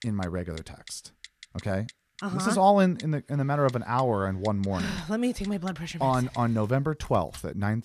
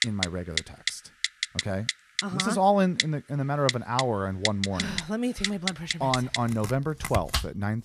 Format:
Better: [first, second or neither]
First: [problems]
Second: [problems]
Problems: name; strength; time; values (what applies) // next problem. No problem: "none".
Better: first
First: household noises; faint; throughout; 20 dB below the speech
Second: household noises; loud; throughout; 3 dB below the speech